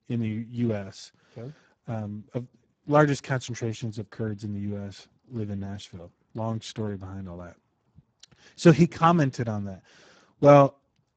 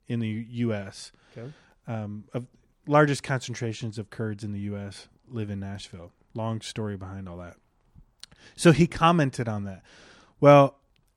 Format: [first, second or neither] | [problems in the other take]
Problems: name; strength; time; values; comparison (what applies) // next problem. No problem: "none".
second | garbled, watery; badly; nothing above 7.5 kHz